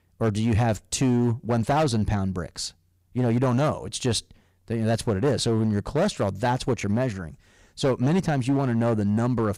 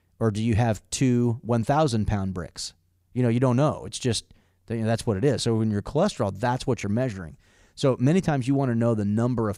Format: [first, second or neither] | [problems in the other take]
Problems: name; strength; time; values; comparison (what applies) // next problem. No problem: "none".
second | distortion; slight; 8% of the sound clipped